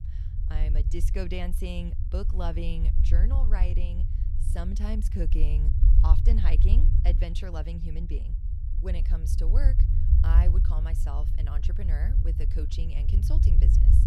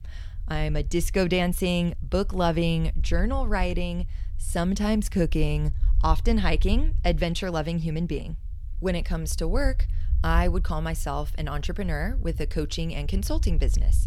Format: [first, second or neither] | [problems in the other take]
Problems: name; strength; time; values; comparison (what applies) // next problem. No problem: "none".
second | low rumble; loud; throughout; 4 dB below the speech; faint in the second